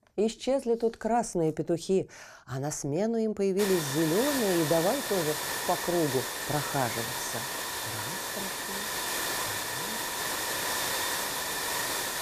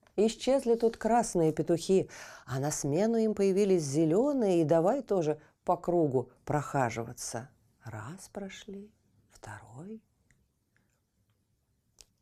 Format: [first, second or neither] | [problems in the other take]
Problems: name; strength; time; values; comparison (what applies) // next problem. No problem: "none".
second | hiss; loud; from 3.5 s on; 1 dB below the speech